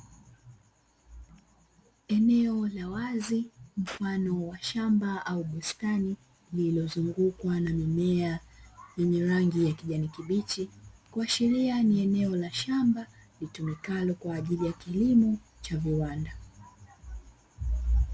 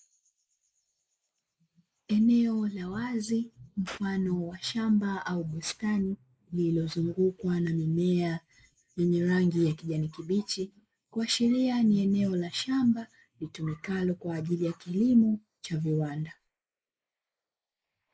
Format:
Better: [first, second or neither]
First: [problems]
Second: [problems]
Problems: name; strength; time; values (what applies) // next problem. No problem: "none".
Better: first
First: none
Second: noise reduction (neural mask model Resemble Enhance denoiser)